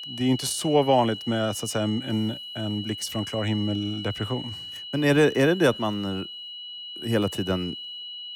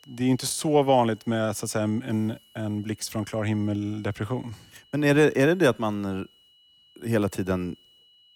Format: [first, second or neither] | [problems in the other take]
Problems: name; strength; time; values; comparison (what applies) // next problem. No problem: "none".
second | high-pitched whine; loud; throughout; 3 kHz, 10 dB below the speech; faint in the second